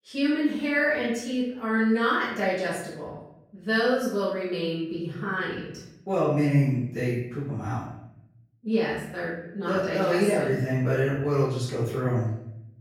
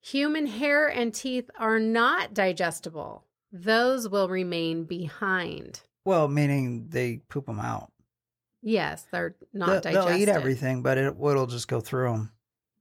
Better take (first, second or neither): second